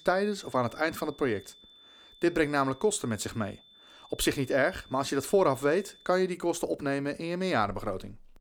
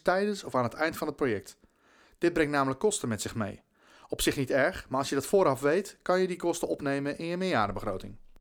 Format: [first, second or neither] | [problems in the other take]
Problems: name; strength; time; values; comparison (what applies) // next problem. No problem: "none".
second | high-pitched whine; faint; until 6 s; 3.5 kHz, 25 dB below the speech